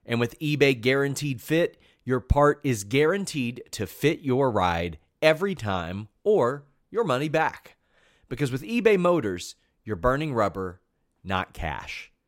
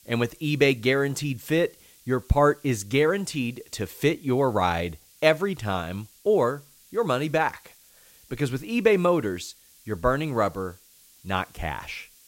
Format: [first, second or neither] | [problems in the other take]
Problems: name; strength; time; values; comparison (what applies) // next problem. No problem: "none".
first | hiss; faint; throughout; 25 dB below the speech